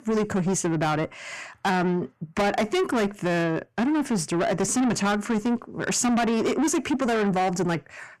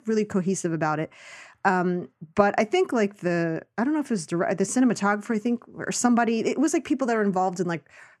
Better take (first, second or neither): second